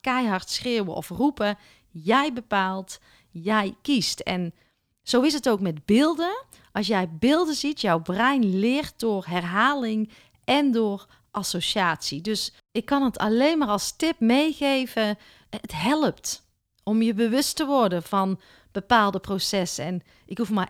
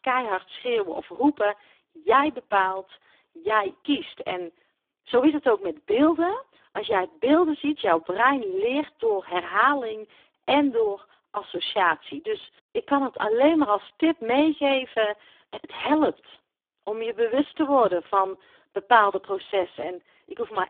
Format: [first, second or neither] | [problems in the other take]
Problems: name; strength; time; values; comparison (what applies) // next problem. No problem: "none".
first | phone-call audio; poor line